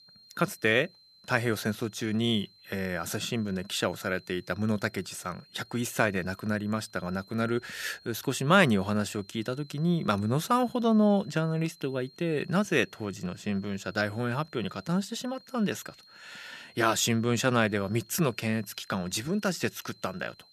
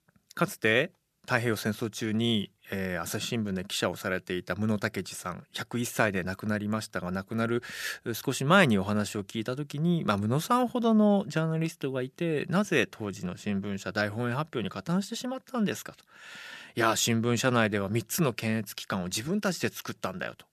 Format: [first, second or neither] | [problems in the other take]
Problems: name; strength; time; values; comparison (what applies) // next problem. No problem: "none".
second | high-pitched whine; faint; throughout; 4 kHz, 25 dB below the speech